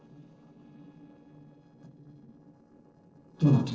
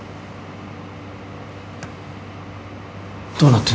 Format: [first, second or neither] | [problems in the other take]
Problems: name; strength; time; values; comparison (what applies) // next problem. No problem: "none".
second | noise reduction (neural separator model SepFormer DNS4)